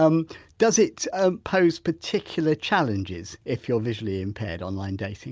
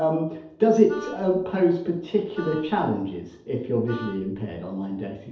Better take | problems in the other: first | background sound (Wind instrument, woodwind instrument); 18 dB below the speech // room echo; dies away in 2.2 s

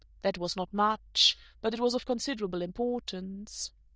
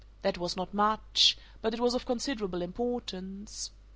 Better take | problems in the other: second | noise reduction (neural diffusion model UNIVERSE++)

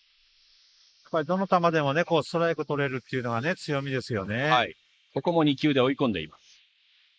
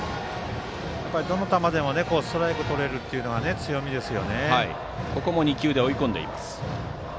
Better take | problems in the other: second | noise reduction (neural mask model Resemble Enhance denoiser)

